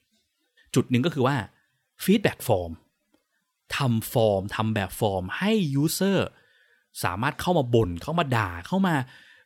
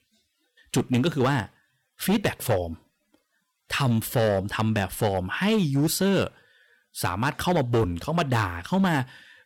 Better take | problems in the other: first | distortion; slight; 7% of the sound clipped

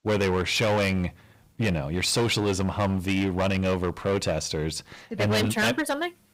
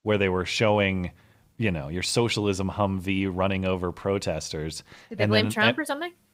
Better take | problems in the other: second | distortion; heavy; 15% of the sound clipped

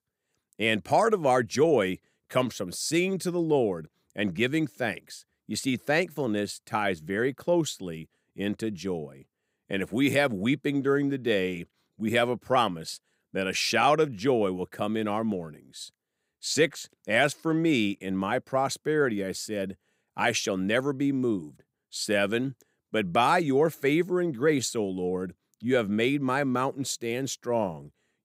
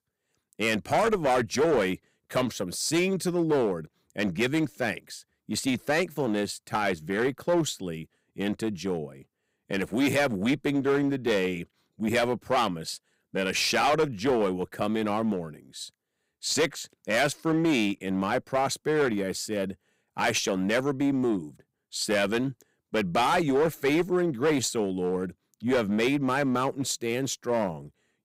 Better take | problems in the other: first | distortion; slight; 8% of the sound clipped

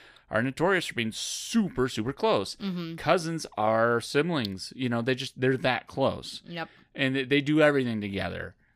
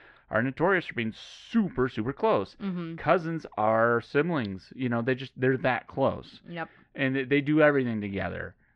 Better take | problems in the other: first | muffled; very; fading above 2 kHz

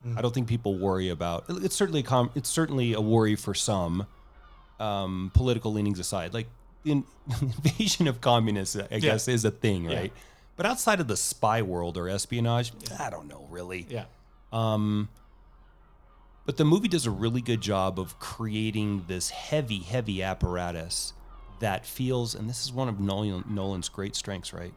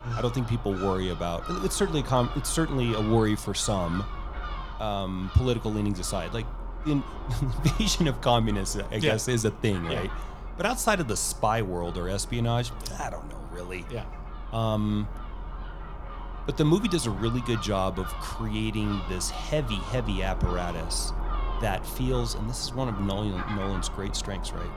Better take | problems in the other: first | animal sounds; loud; throughout; 9 dB below the speech; faint in the first

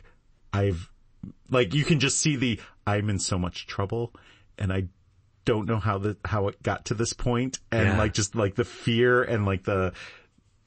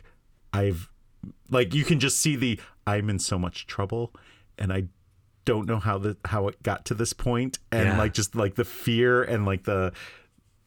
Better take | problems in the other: second | garbled, watery; slightly; nothing above 8 kHz

